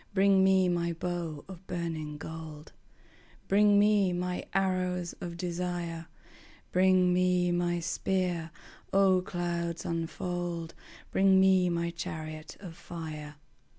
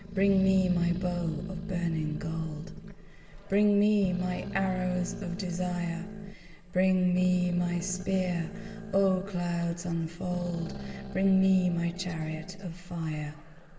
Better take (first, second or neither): first